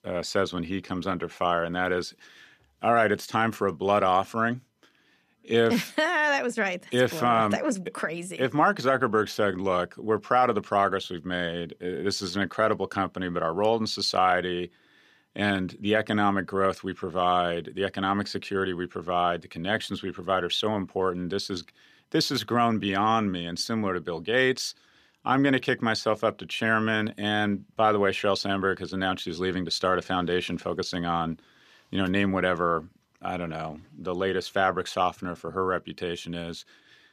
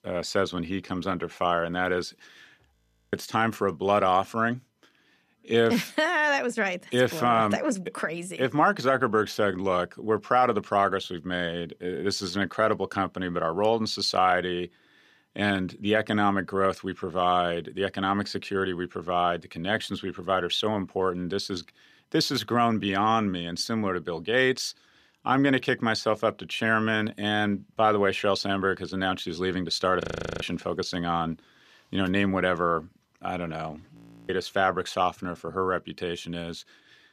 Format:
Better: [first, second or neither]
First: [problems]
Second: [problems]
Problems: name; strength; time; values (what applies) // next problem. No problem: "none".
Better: first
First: none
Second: audio freezing; at 3 s, at 30 s and at 34 s